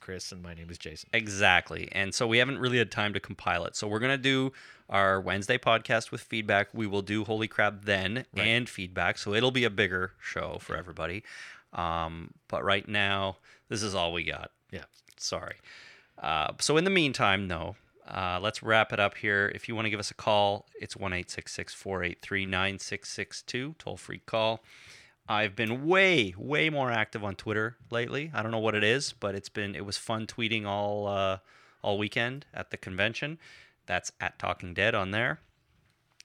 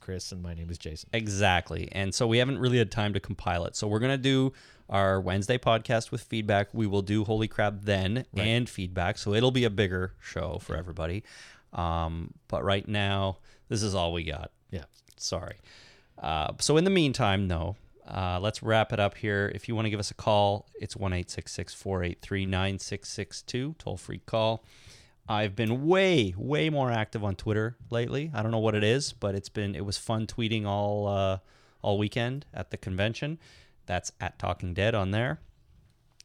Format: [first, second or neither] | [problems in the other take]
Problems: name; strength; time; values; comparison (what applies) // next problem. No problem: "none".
second | thin; very slightly; fading below 400 Hz